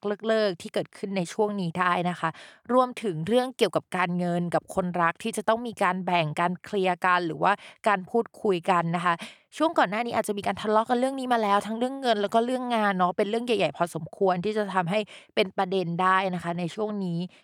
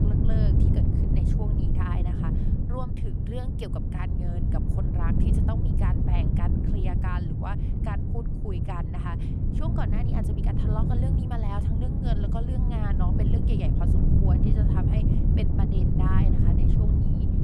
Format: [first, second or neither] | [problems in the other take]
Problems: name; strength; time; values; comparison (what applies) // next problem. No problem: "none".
first | wind noise on the microphone; heavy; 3 dB above the speech